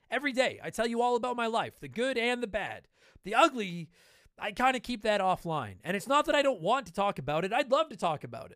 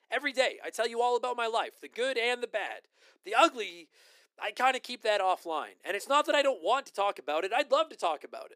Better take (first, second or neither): first